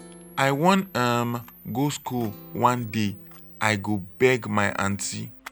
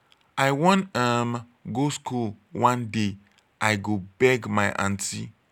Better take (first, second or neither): second